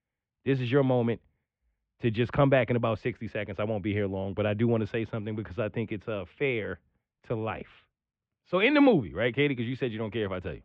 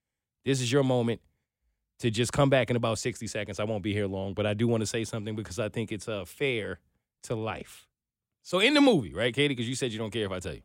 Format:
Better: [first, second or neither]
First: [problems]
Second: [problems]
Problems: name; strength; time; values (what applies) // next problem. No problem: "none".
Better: second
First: muffled; very; fading above 2.5 kHz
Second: none